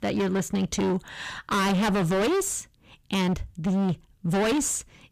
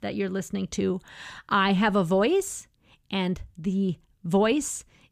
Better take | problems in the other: second | distortion; heavy; 25% of the sound clipped

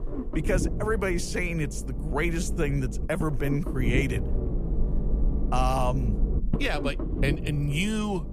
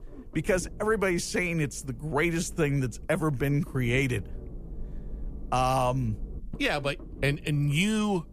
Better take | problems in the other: second | low rumble; loud; throughout; 9 dB below the speech; faint in the second

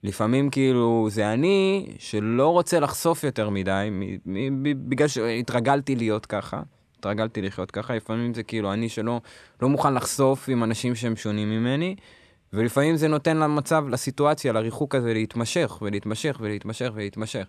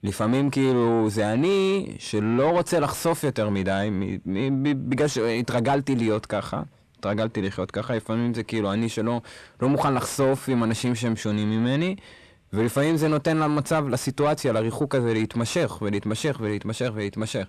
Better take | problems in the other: first | distortion; slight; 10 dB below the speech

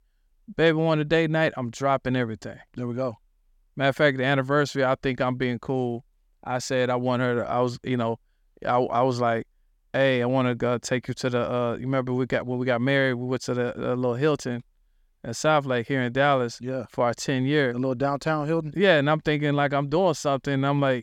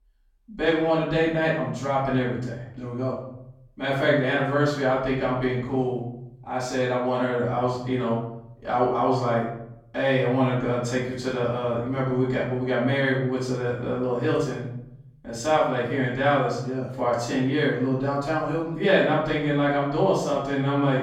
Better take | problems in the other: first | off-mic speech; far // room echo; noticeable; dies away in 0.7 s

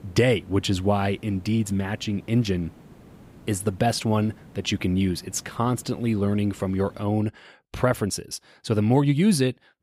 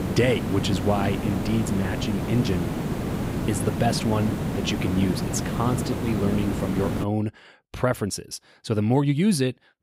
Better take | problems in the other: first | hiss; loud; until 7 s; 3 dB below the speech; faint in the first

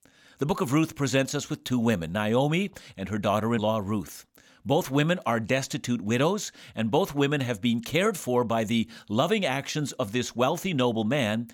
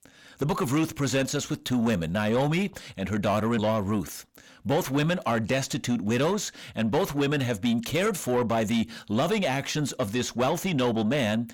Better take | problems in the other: first | distortion; slight; 10 dB below the speech

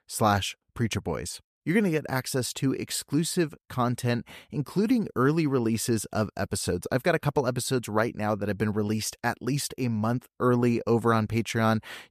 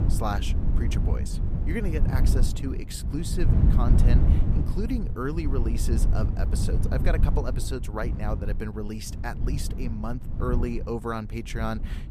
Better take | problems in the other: first | wind noise on the microphone; heavy; 5 dB below the speech

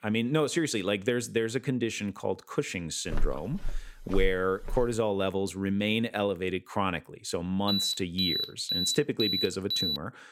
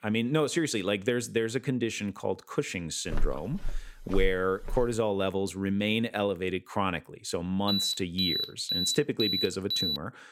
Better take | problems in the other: neither | footsteps; noticeable; from 3 to 5 s; peak 7 dB below the speech; the same in both // alarm; loud; from 7.5 s on; peak 2 dB above the speech; the same in both

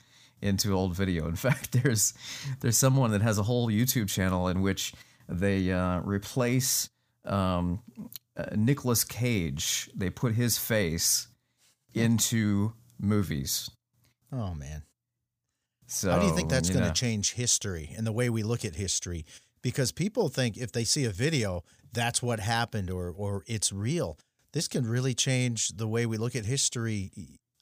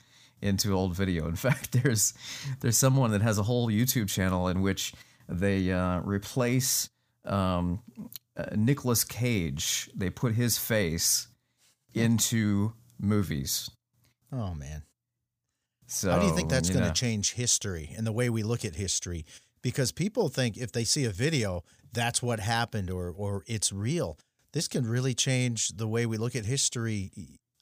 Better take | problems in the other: neither | none

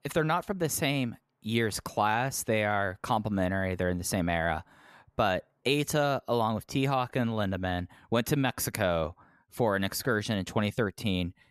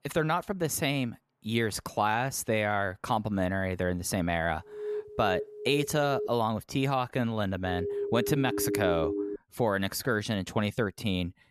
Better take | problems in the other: first | alarm; noticeable; from 4.5 to 6.5 s; peak 6 dB below the speech // siren; noticeable; from 7.5 to 9.5 s; peak 1 dB below the speech

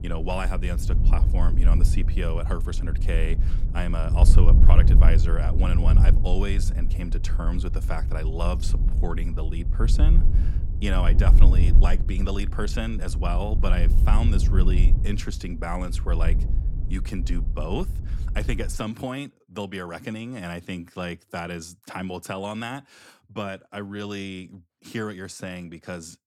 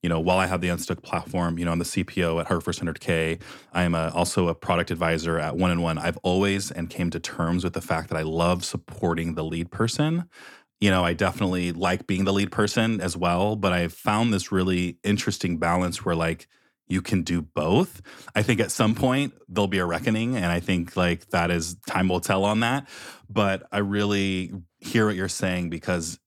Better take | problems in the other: second | wind noise on the microphone; heavy; until 19 s; 8 dB below the speech

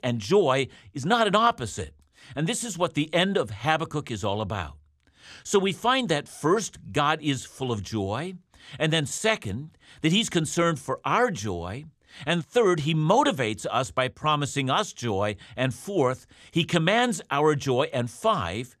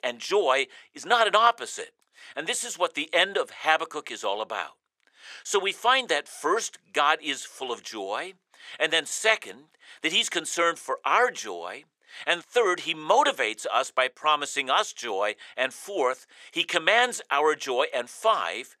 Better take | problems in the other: first | thin; very; fading below 450 Hz

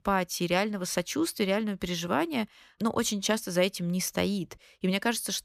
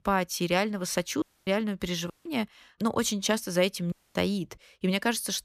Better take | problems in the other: first | audio cutting out; at 1 s, at 2 s and at 4 s

